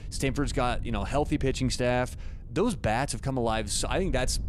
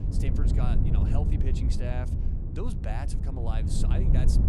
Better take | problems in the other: first | low rumble; loud; throughout; 1 dB below the speech; faint in the first

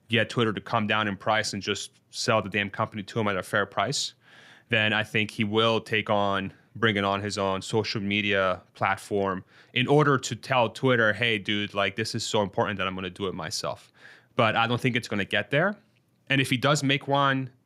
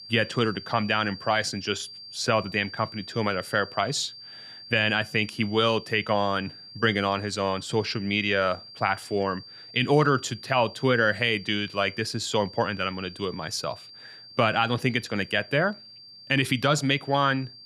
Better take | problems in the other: first | high-pitched whine; noticeable; throughout; 4.5 kHz, 15 dB below the speech

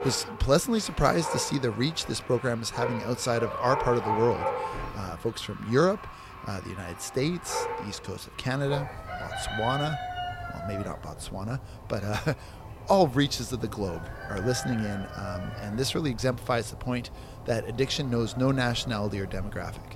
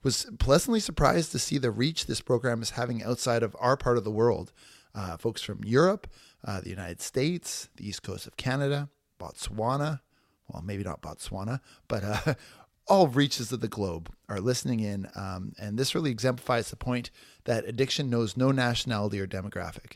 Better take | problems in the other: second | animal sounds; loud; throughout; 8 dB below the speech

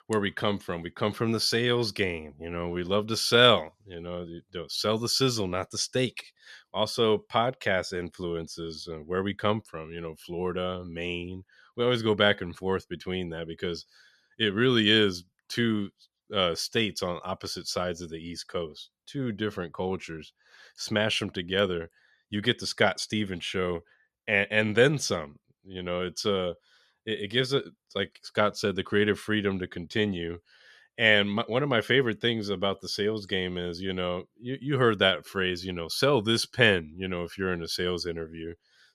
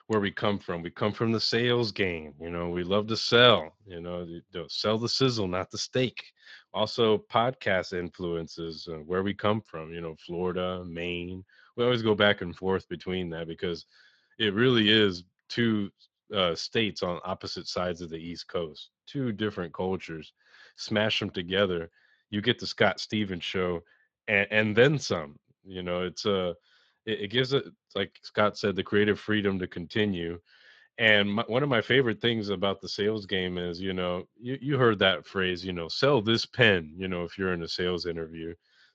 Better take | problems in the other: first | garbled, watery; slightly

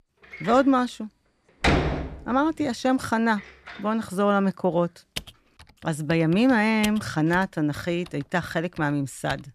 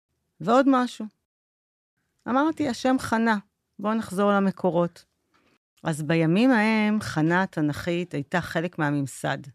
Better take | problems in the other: second | household noises; loud; throughout; 6 dB below the speech

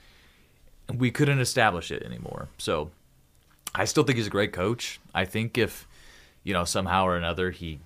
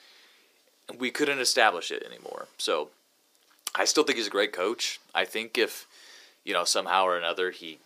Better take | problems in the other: first | thin; somewhat; fading below 300 Hz

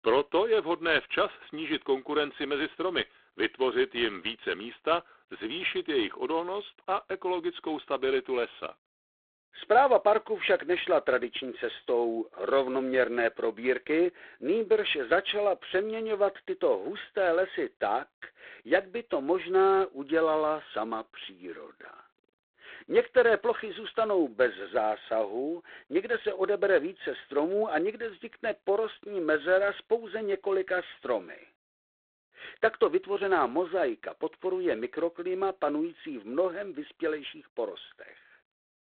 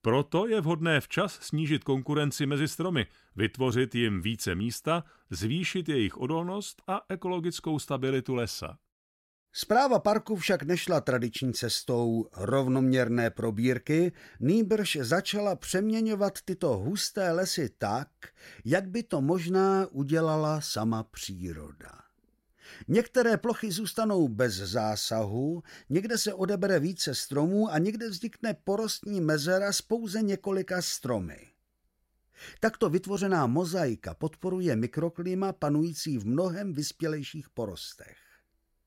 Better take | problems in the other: second | phone-call audio; poor line

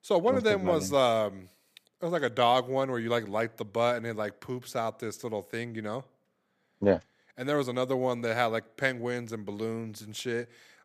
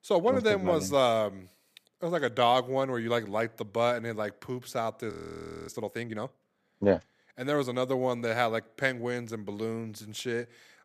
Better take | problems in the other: first | audio freezing; at 5 s for 0.5 s

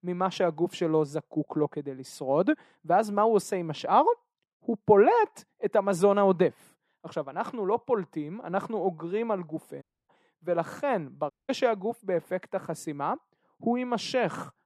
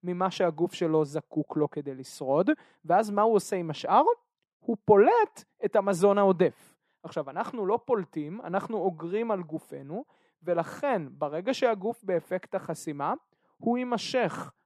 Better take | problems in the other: second | audio cutting out; at 10 s and at 11 s

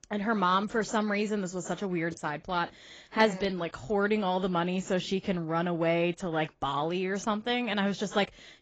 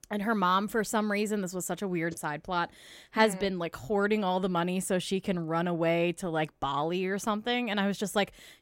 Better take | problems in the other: second | garbled, watery; badly; nothing above 7.5 kHz

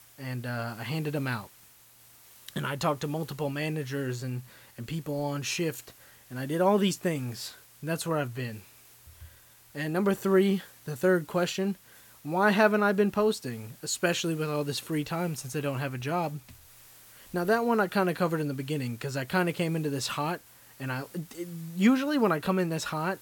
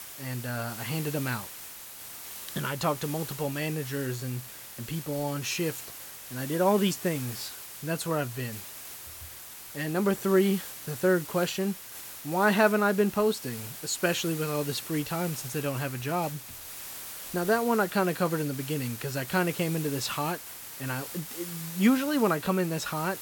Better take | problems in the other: first | hiss; loud; throughout; 10 dB below the speech; faint in the first

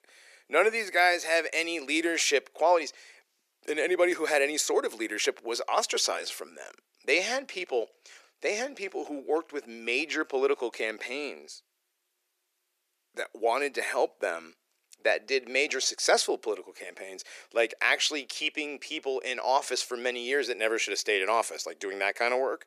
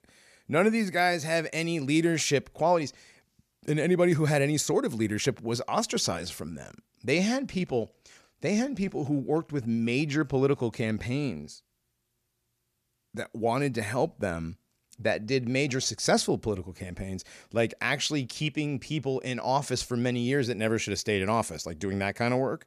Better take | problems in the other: second | thin; very; fading below 350 Hz

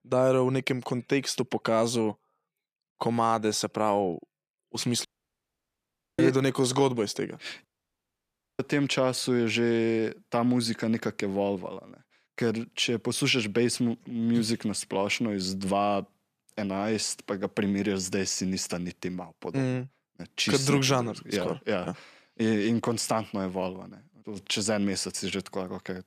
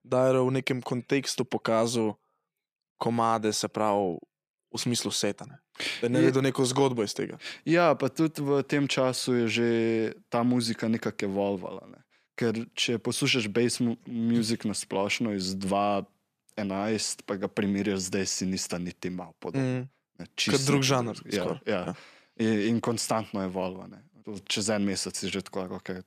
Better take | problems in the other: second | audio cutting out; at 5 s for 1 s and at 7.5 s for 1 s

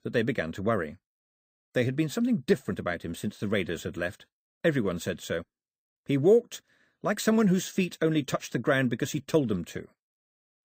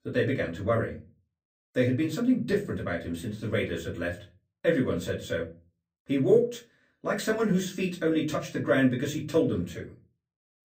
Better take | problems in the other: first | off-mic speech; far // room echo; very slight; dies away in 0.3 s

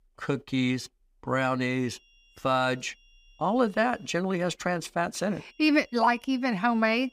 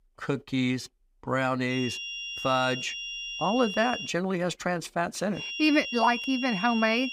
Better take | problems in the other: first | high-pitched whine; loud; from 1.5 to 4 s and from 5.5 s on; 3 kHz, 6 dB below the speech; faint in the first

